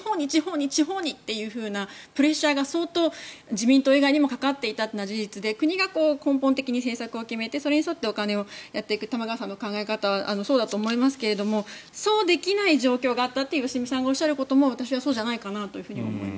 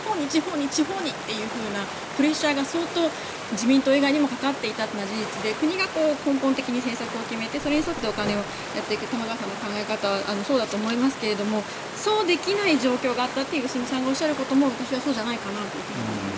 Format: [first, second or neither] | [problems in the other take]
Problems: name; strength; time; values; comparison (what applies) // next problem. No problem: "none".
first | background sound (Mechanisms + Water); 8 dB below the speech